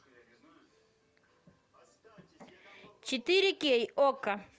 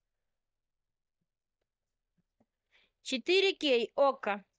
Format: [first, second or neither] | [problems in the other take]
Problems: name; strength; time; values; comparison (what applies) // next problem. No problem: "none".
first | noise reduction (neural mask model DeepFilterNet 3)